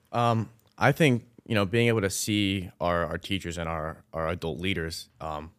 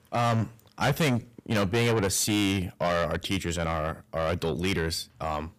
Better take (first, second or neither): first